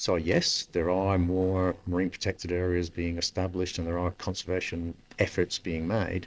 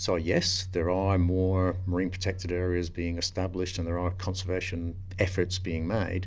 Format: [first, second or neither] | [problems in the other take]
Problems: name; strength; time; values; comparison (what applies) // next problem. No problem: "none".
second | noise reduction (neural separator model SepFormer DNS4)